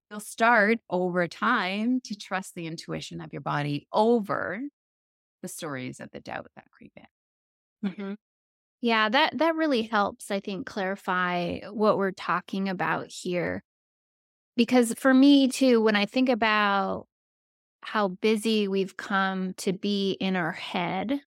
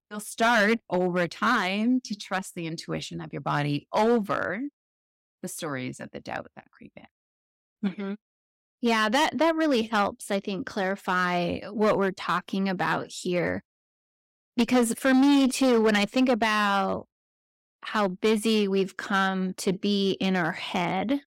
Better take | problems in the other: first | distortion; slight; 5% of the sound clipped

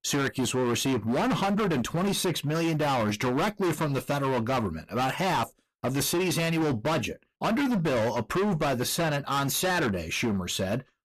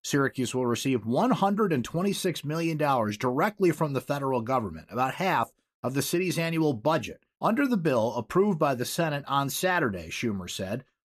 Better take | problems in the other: second | distortion; heavy; 27% of the sound clipped

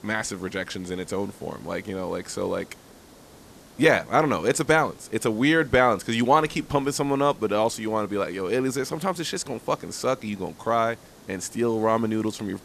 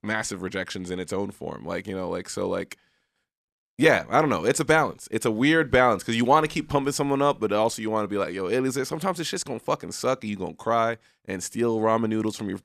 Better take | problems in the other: second | hiss; faint; throughout; 25 dB below the speech

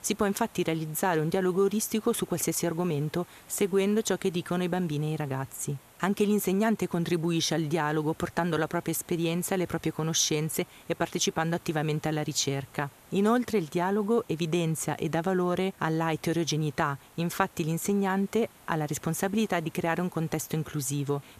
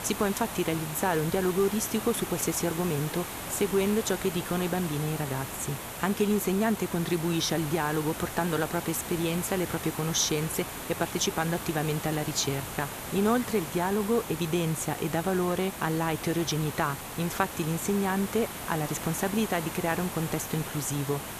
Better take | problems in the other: first | hiss; loud; throughout; 7 dB below the speech; faint in the first

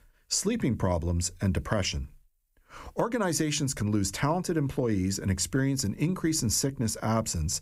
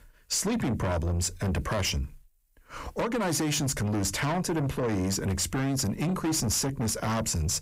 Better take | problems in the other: first | distortion; heavy; 7 dB below the speech

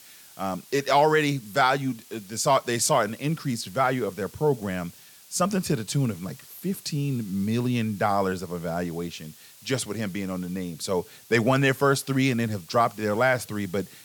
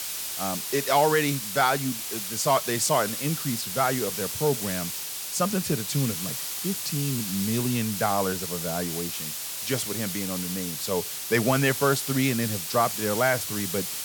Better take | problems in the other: first | hiss; loud; throughout; 3 dB below the speech; faint in the first

